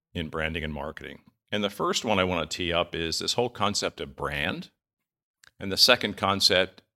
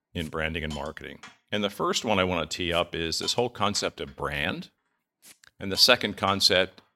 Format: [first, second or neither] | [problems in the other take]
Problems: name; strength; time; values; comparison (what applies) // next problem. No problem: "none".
first | hiss; faint; throughout; 25 dB below the speech